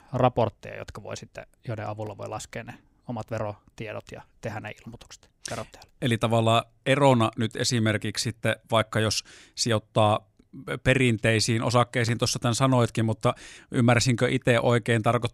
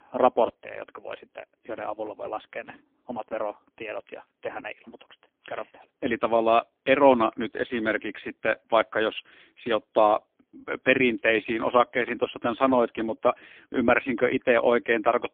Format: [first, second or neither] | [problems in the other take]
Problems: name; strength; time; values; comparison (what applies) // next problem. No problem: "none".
first | phone-call audio; poor line; nothing above 3.5 kHz